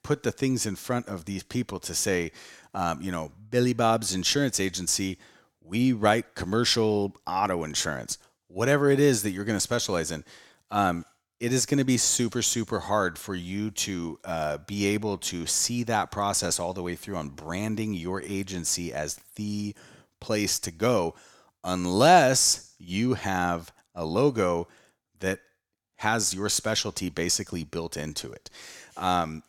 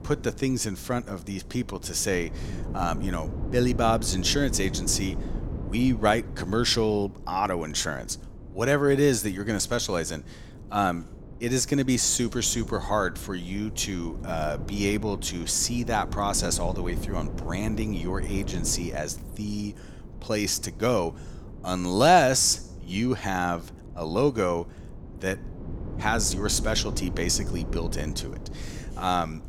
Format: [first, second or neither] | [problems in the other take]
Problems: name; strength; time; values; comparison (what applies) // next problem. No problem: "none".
first | wind noise on the microphone; occasional gusts; 20 dB below the speech